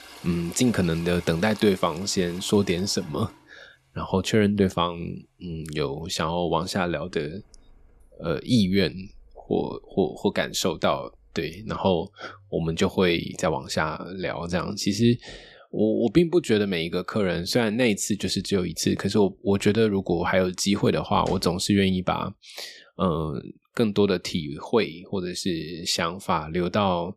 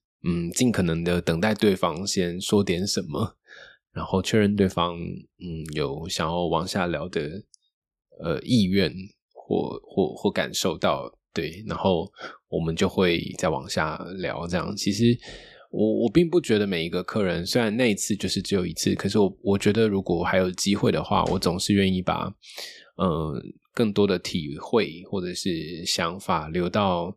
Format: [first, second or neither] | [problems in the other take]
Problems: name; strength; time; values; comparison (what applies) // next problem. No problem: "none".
second | household noises; faint; until 14 s; 25 dB below the speech